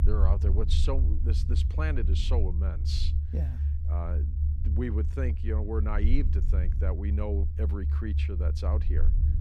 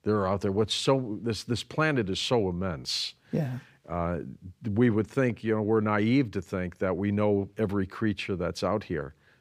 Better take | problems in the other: second | low rumble; loud; throughout; 7 dB below the speech

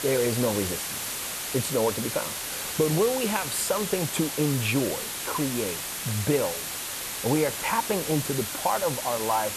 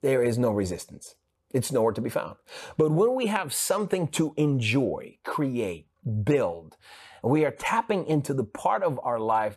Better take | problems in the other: second | hiss; loud; throughout; 3 dB below the speech

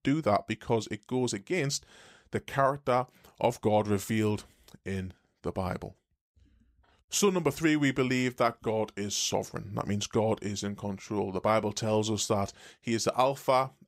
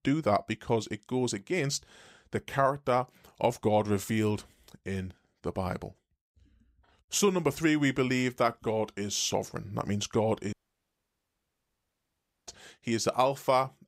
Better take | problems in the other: first | audio cutting out; at 11 s for 2 s

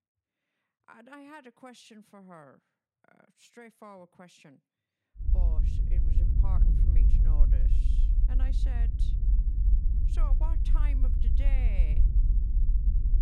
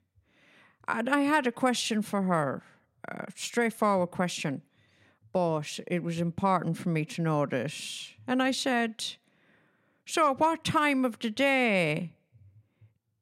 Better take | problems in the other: second | low rumble; loud; from 5 s on; as loud as the speech

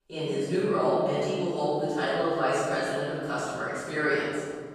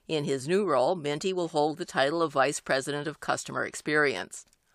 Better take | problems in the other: second | off-mic speech; far // room echo; strong; dies away in 2.1 s

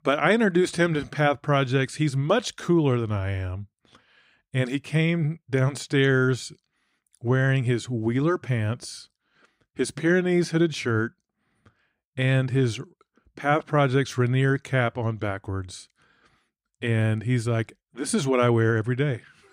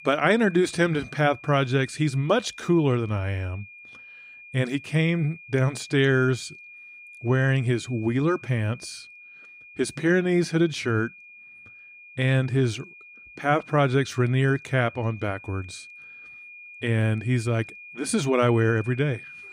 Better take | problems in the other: first | high-pitched whine; noticeable; throughout; 2.5 kHz, 20 dB below the speech

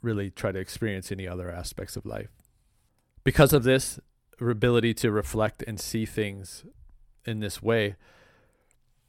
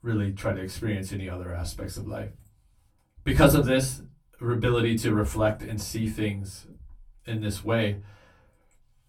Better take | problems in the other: first | off-mic speech; far // room echo; very slight; dies away in 0.2 s

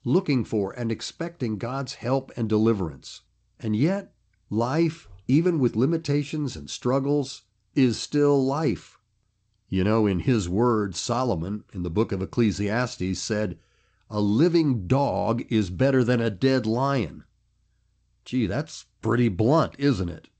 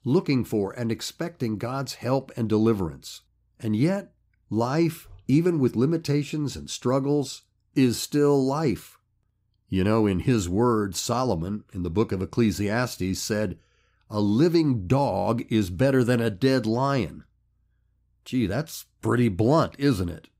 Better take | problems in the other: second | garbled, watery; slightly; nothing above 8 kHz

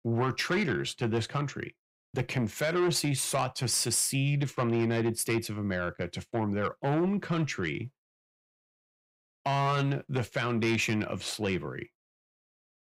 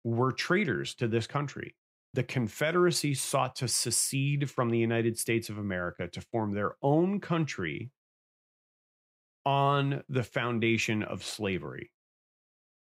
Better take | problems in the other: second | distortion; slight; 10 dB below the speech

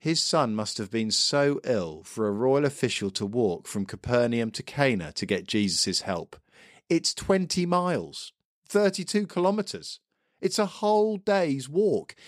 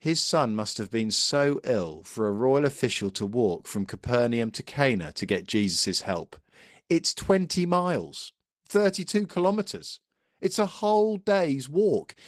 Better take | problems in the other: first | garbled, watery; slightly

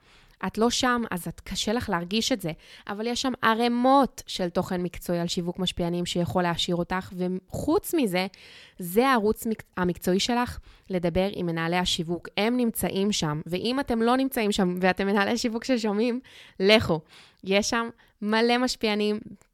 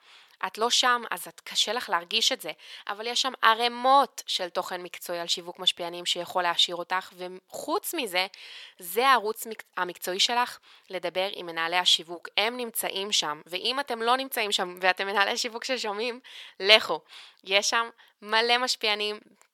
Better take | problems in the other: first | thin; very; fading below 600 Hz

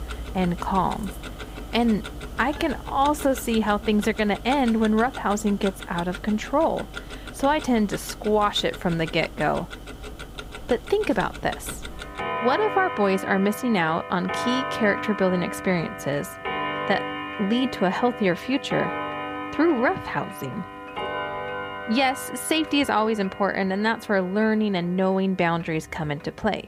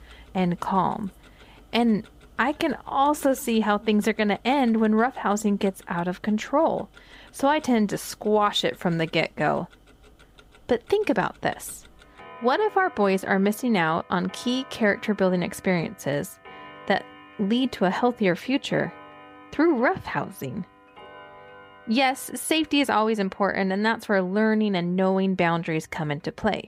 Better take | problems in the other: second | household noises; loud; throughout; 10 dB below the speech; faint in the second

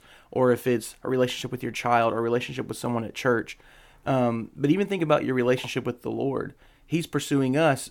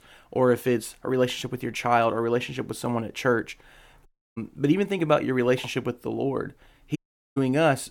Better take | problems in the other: first | audio cutting out; at 4 s and at 7 s

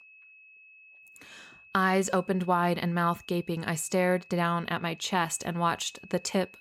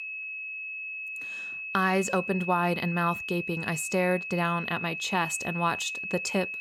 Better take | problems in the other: first | high-pitched whine; loud; throughout; 2.5 kHz, 5 dB below the speech; faint in the first

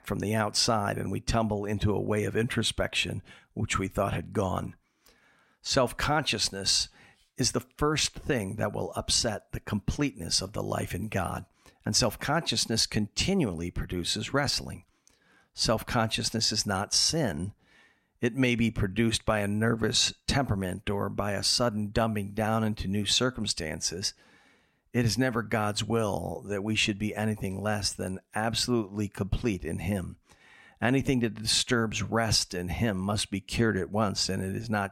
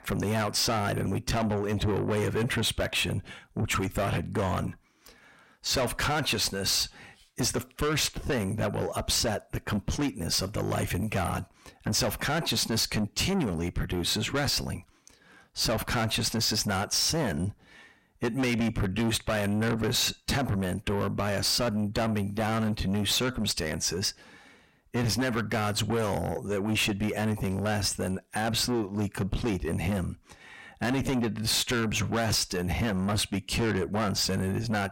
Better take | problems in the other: first | distortion; heavy; 6 dB below the speech

